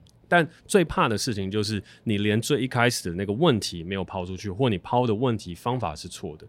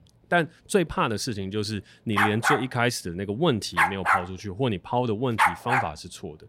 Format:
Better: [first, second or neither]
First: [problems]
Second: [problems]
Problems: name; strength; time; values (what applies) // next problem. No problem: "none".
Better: first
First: none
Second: dog barking; loud; from 2 to 6 s; peak 6 dB above the speech